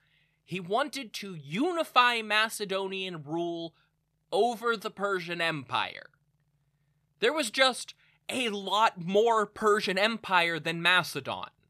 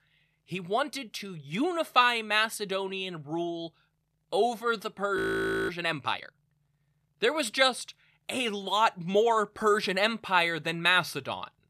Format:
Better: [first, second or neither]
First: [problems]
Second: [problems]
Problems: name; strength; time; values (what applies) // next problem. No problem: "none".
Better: first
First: none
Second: audio freezing; at 5 s for 0.5 s